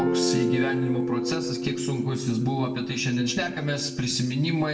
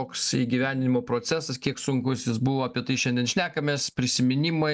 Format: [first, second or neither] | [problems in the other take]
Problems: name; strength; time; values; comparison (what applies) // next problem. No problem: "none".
second | background sound (Guitar); 2 dB below the speech // room echo; dies away in 0.7 s